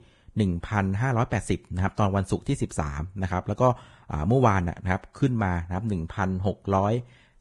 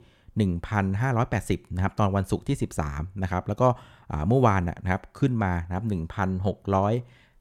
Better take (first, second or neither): second